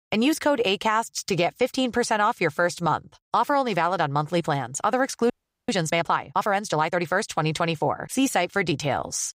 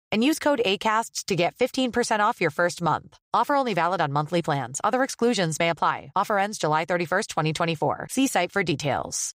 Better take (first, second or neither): second